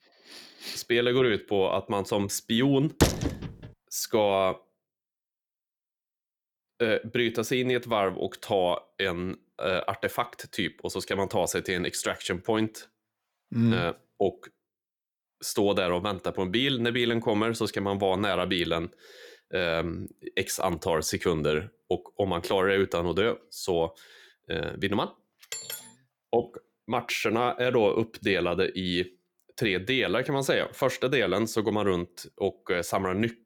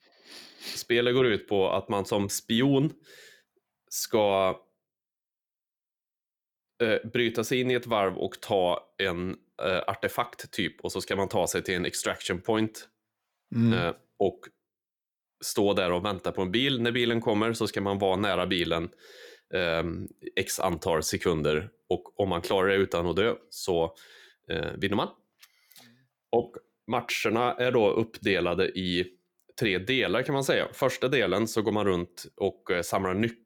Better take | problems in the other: second | door banging; loud; at 3 s; peak 3 dB above the speech // clattering dishes; noticeable; at 26 s; peak 8 dB below the speech

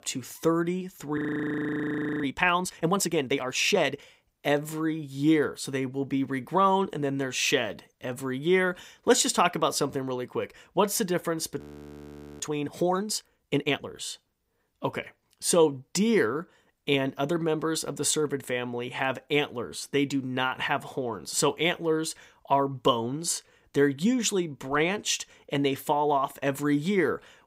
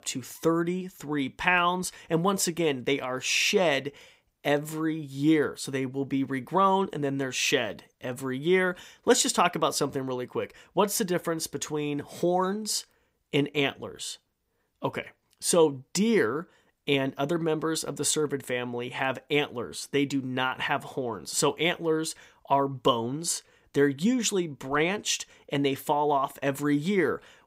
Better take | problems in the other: second | audio freezing; at 1 s for 1 s and at 12 s for 1 s

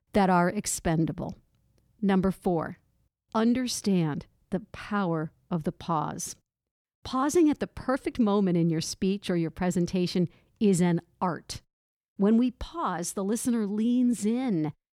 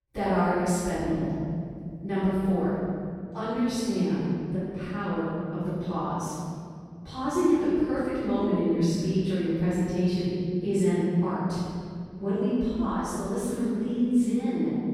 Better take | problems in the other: first | off-mic speech; far // room echo; strong; dies away in 2.9 s

